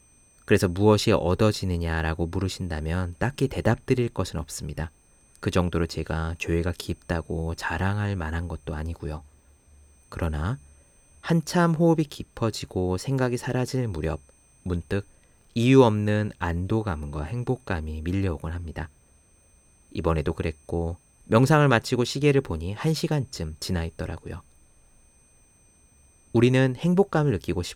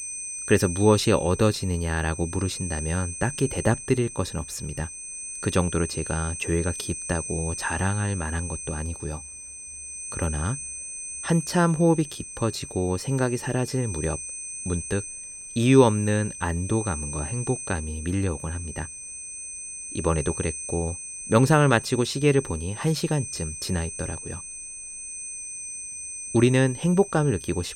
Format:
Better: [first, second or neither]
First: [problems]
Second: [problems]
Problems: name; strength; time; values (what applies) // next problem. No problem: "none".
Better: first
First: high-pitched whine; faint; throughout; 8.5 kHz, 35 dB below the speech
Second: high-pitched whine; loud; throughout; 8.5 kHz, 9 dB below the speech